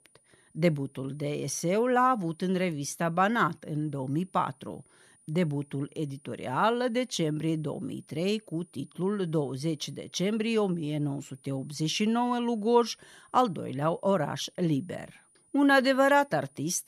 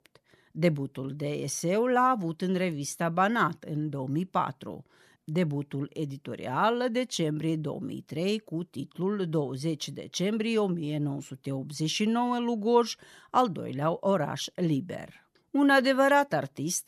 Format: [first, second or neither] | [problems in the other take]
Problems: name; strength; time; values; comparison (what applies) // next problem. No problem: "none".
second | high-pitched whine; faint; throughout; 9.5 kHz, 30 dB below the speech